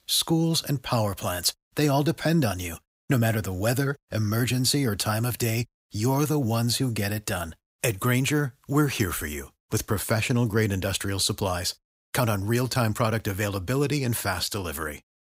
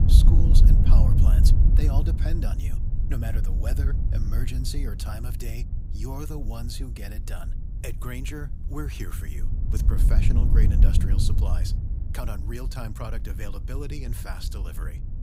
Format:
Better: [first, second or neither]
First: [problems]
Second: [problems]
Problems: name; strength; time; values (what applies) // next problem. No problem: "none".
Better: first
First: none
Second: wind noise on the microphone; heavy; 2 dB below the speech